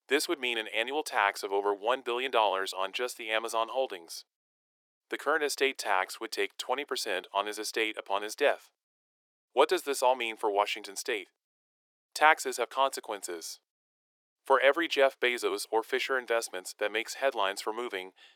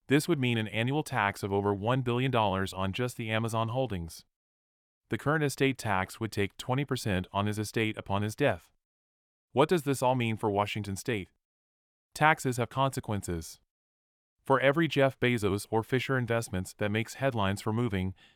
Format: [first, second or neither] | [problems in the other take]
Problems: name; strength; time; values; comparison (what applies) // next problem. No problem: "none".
second | thin; very; fading below 400 Hz